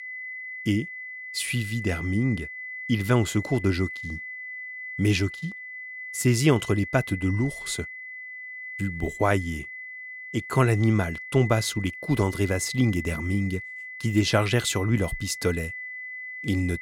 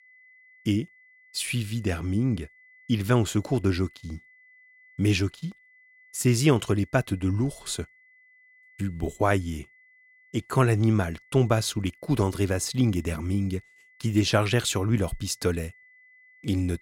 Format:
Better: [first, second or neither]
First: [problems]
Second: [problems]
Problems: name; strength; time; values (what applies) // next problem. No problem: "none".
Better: second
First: high-pitched whine; loud; throughout; 2 kHz, 10 dB below the speech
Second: high-pitched whine; faint; throughout; 2 kHz, 30 dB below the speech